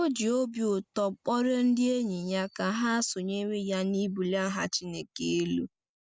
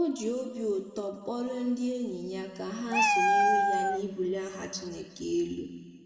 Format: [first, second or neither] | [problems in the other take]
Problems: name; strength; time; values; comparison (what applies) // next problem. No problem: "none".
first | background sound (Meow); 4 dB above the speech // room echo; dies away in 1.5 s